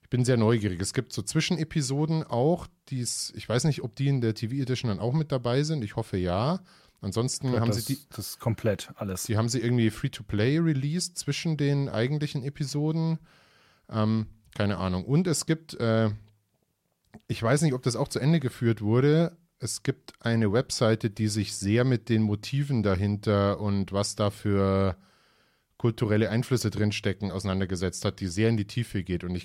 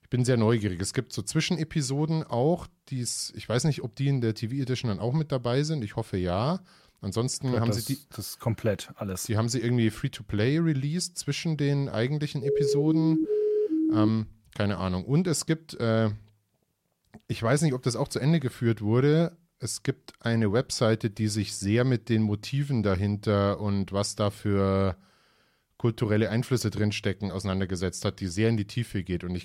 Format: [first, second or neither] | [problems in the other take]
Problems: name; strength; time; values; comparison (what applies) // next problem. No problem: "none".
first | siren; loud; from 12 to 14 s; peak 2 dB above the speech